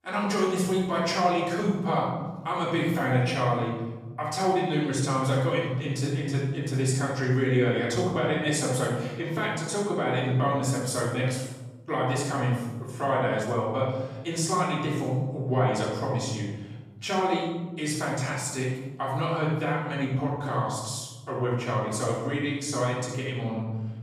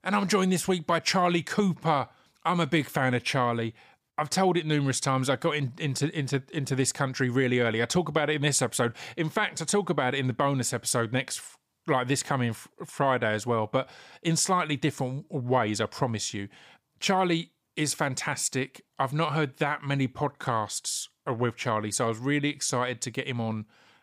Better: second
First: off-mic speech; far // room echo; strong; dies away in 1.2 s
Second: none

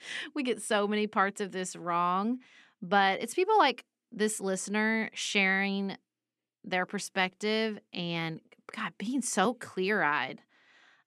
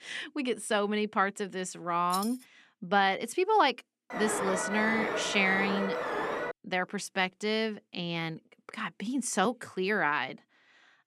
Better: first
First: none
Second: jangling keys; noticeable; at 2 s; peak 9 dB below the speech // alarm; noticeable; from 4 to 6.5 s; peak 2 dB below the speech

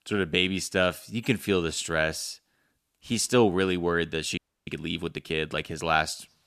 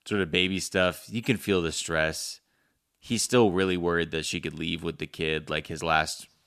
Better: second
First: audio freezing; at 4.5 s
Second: none

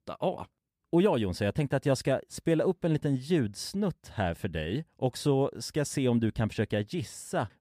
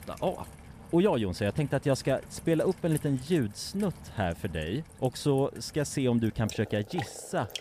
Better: first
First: none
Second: rain or running water; noticeable; throughout; 15 dB below the speech

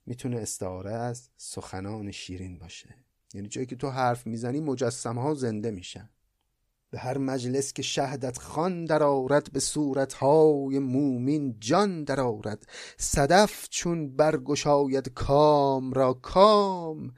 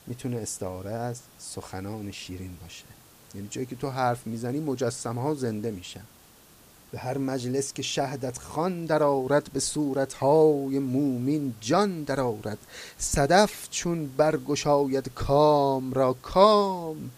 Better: first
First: none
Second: hiss; faint; throughout; 25 dB below the speech

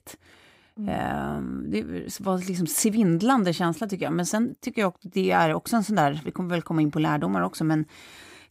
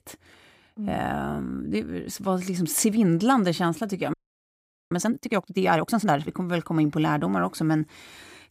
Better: first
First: none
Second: audio freezing; at 4 s for 1 s

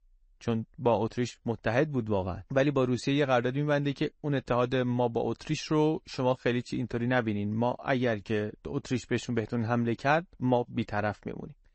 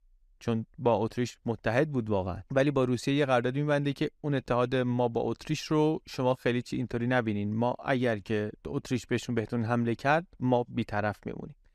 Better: second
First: garbled, watery; slightly; nothing above 8 kHz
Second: none

